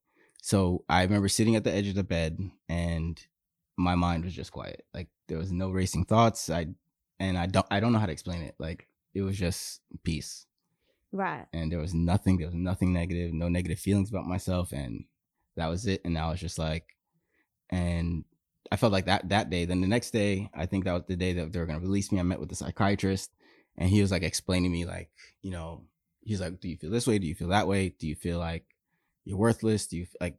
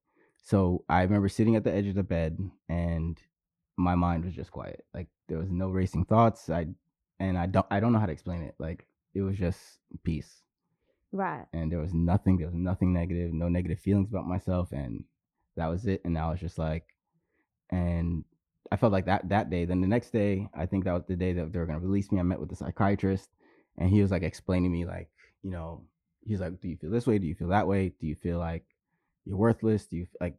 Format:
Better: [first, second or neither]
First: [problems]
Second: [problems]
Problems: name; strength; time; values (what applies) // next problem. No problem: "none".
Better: first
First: none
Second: muffled; very; fading above 2.5 kHz